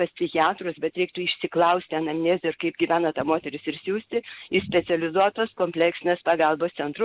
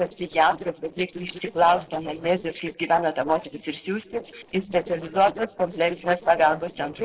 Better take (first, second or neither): first